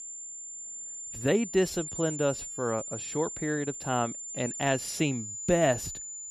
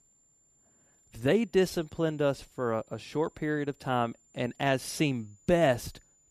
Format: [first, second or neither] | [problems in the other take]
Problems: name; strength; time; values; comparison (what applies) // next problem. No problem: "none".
second | high-pitched whine; loud; throughout; 7 kHz, 7 dB below the speech; faint in the second